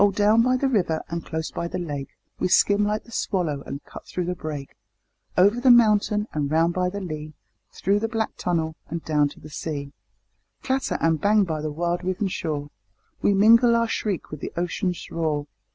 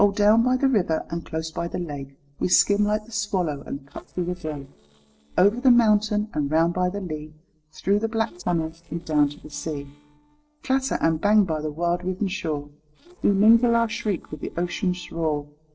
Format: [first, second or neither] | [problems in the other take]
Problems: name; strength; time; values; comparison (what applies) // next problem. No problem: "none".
first | noise reduction (neural separator model SepFormer DNS4)